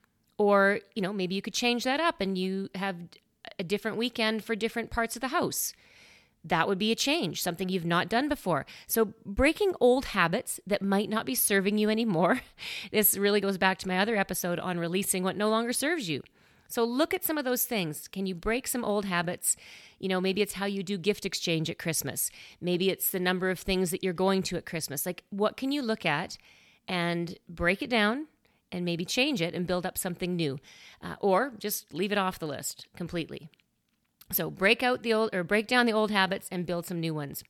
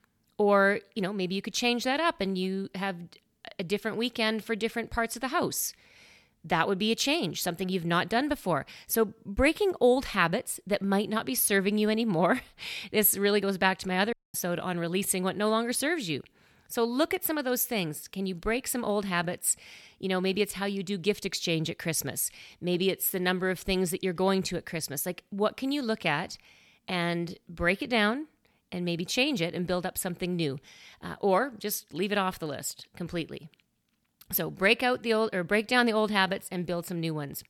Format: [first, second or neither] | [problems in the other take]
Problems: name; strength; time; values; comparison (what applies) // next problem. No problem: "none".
first | audio cutting out; at 14 s